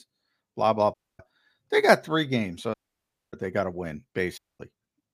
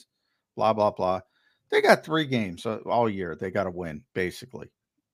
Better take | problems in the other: second | audio cutting out; at 1 s, at 2.5 s for 0.5 s and at 4.5 s

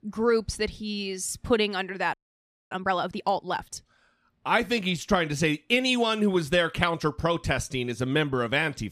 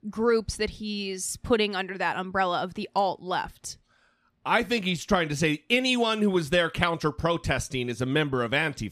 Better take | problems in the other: second | audio freezing; at 2 s for 0.5 s

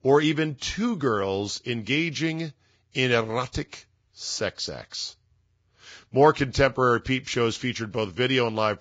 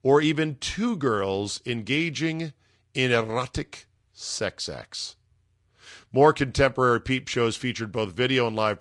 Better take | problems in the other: second | garbled, watery; badly; nothing above 7.5 kHz; slightly in the second

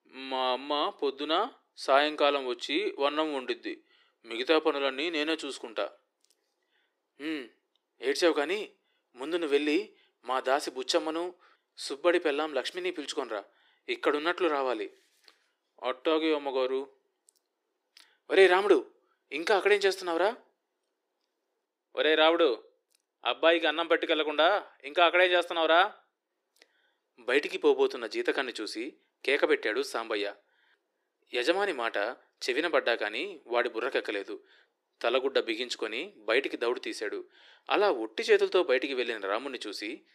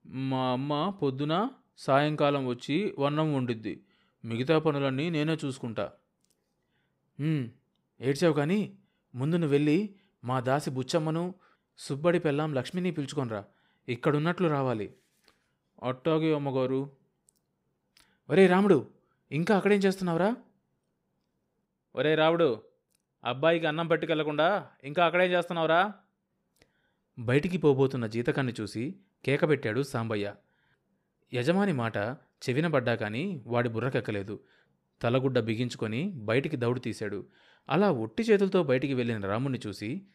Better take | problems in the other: second | thin; very; fading below 350 Hz

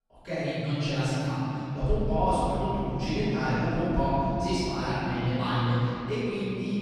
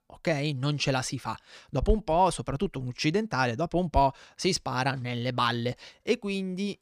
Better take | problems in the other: second | off-mic speech; far // room echo; strong; dies away in 3 s

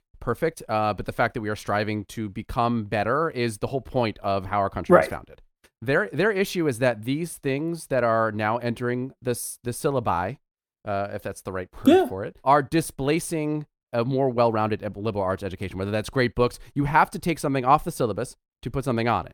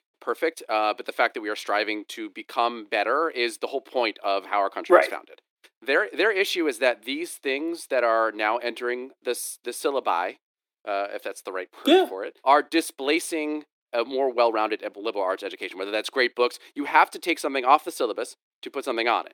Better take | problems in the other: first | thin; somewhat; fading below 300 Hz

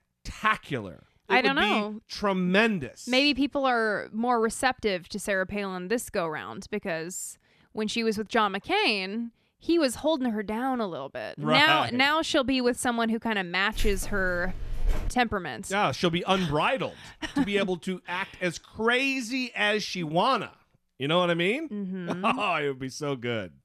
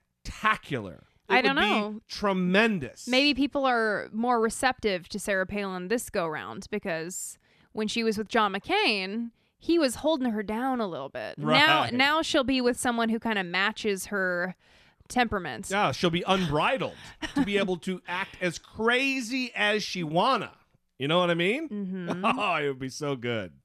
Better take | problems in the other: second | jangling keys; noticeable; from 14 to 15 s; peak 7 dB below the speech

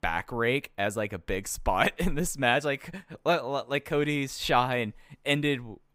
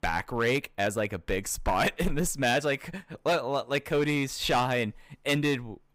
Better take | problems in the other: first | distortion; slight; 5% of the sound clipped

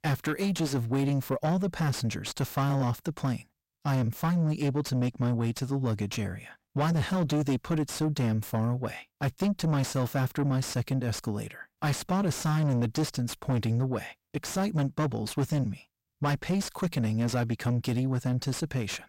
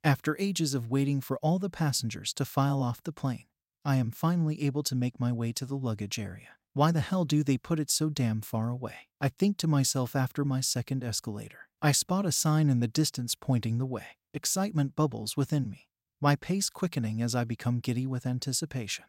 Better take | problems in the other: second | distortion; heavy; 7 dB below the speech

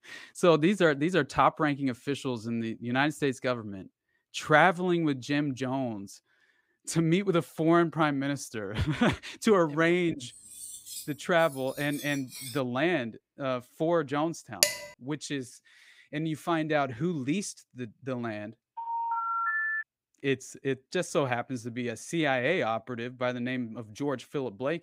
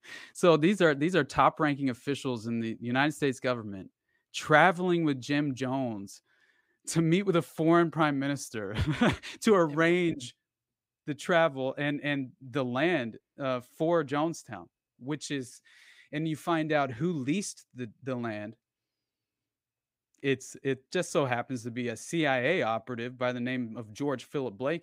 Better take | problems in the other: second | clattering dishes; noticeable; from 10 to 13 s; peak 10 dB below the speech // clattering dishes; loud; at 15 s; peak 3 dB above the speech // phone ringing; loud; from 19 to 20 s; peak 1 dB above the speech

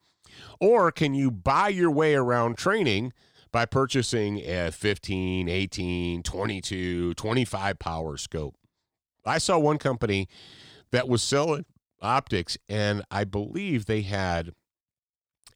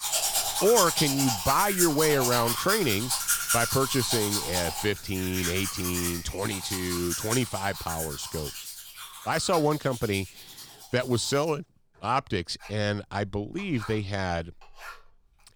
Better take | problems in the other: first | household noises; loud; throughout; as loud as the speech

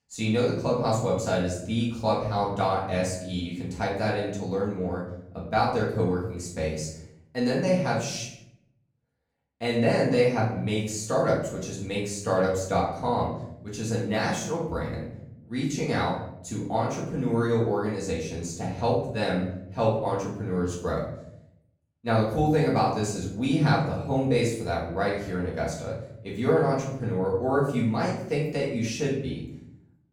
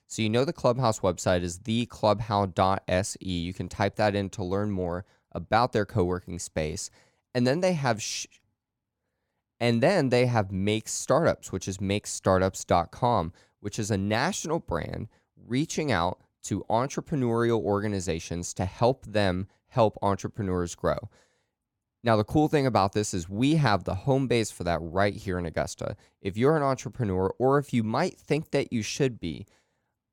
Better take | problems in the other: second | room echo; noticeable; dies away in 0.6 s // off-mic speech; far

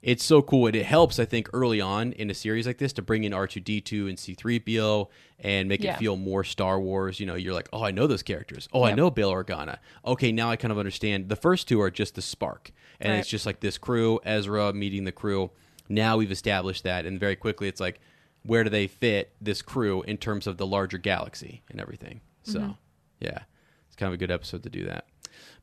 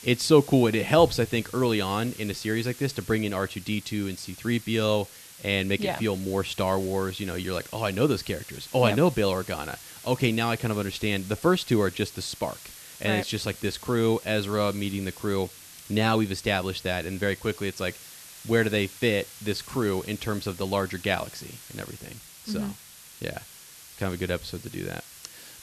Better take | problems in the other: first | hiss; noticeable; throughout; 15 dB below the speech

